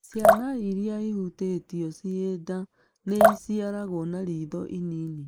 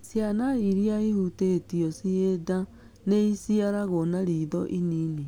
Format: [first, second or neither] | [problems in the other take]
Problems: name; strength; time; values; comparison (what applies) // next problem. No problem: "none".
second | noise reduction (neural mask model Resemble Enhance denoiser)